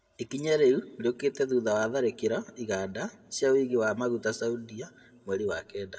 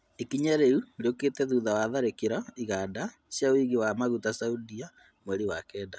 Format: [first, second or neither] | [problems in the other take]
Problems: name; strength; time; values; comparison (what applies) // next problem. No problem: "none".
second | room echo; dies away in 0.4 s